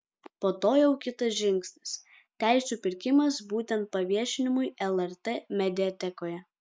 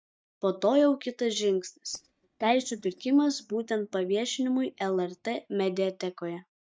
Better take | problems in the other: first | noise reduction (neural mask model DeepFilterNet 3)

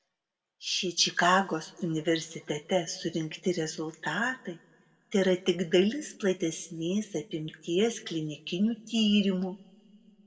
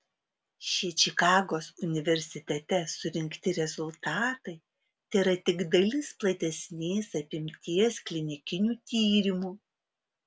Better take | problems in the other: second | room echo; dies away in 0.8 s

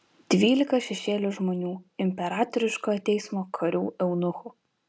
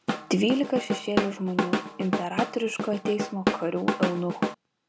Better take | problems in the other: first | background sound (Drum / Drum kit); 1 dB below the speech

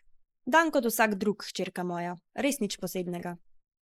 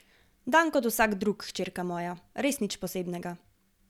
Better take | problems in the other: second | noise reduction (neural mask model Resemble Enhance denoiser)

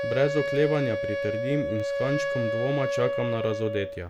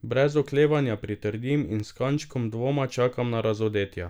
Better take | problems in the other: second | background sound (Wind instrument, woodwind instrument); 1 dB below the speech

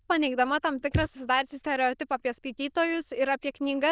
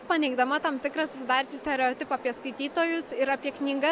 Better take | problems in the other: second | noise reduction (neural diffusion model UNIVERSE++)

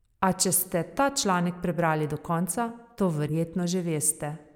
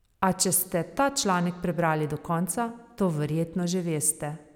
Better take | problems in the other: second | noise reduction (neural mask model Resemble Enhance denoiser)

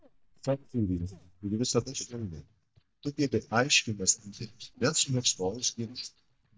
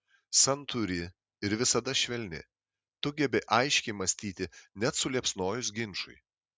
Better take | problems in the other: second | noise reduction (neural mask model DeepFilterNet 3)

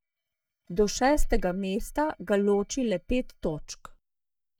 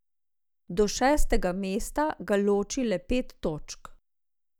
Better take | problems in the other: second | noise reduction (neural mask model DeepFilterNet 3)

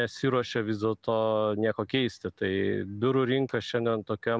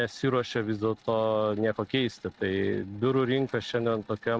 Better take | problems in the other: first | noise reduction (neural mask model RNNoise)

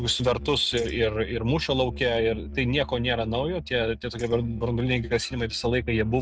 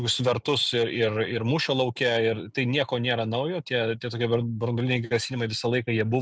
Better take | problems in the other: second | noise reduction (neural mask model RNNoise)

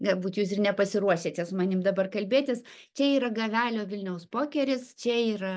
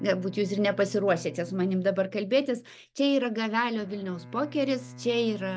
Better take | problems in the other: first | background sound (Bowed string instrument); 19 dB below the speech

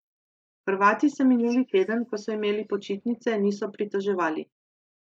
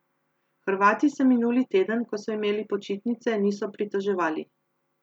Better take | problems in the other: second | noise reduction (neural mask model Resemble Enhance denoiser)

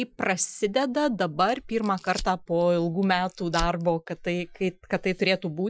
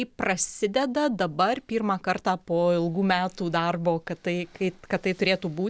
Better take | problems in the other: second | noise reduction (classical method Wiener filter)

